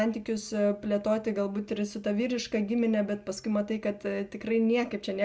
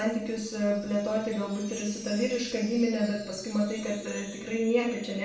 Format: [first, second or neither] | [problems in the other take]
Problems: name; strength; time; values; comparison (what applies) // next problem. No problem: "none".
first | background sound (Wind chime); 18 dB below the speech // room echo; dies away in 0.6 s